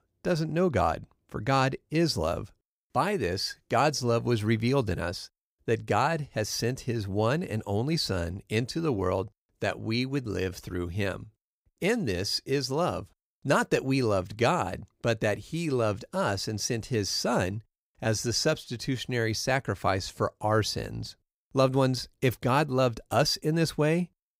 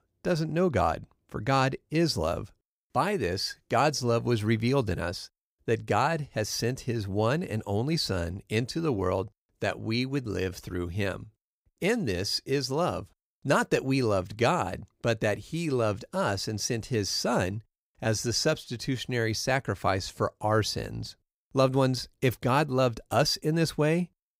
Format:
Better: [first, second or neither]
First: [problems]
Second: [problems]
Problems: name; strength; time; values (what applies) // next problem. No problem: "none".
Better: neither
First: none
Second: none